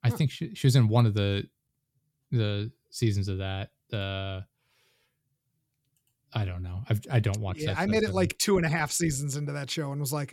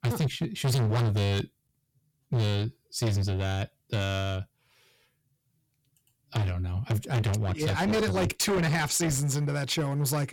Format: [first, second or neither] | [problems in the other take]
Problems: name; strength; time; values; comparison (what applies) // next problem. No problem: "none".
first | distortion; heavy; 17% of the sound clipped